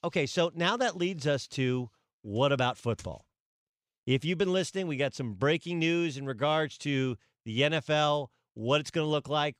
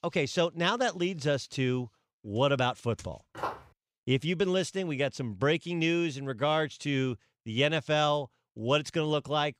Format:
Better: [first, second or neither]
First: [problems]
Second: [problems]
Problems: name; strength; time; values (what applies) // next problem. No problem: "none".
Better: first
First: none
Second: footsteps; noticeable; at 3.5 s; peak 8 dB below the speech